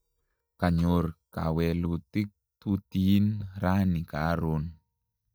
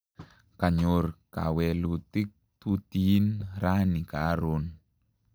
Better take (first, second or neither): second